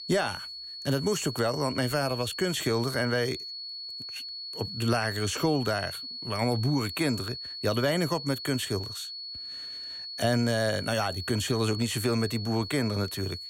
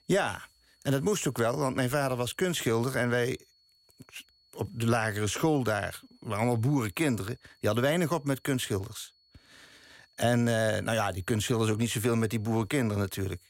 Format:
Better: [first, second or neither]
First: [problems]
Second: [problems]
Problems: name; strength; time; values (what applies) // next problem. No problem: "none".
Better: second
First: high-pitched whine; loud; throughout; 4.5 kHz, 7 dB below the speech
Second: high-pitched whine; faint; throughout; 4.5 kHz, 35 dB below the speech